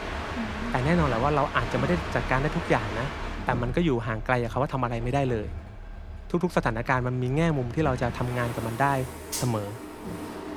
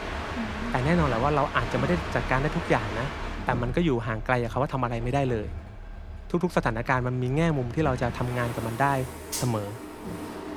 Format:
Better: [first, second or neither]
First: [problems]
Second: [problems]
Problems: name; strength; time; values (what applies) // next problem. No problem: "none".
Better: neither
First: train or aircraft noise; loud; throughout; 9 dB below the speech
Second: train or aircraft noise; loud; throughout; 9 dB below the speech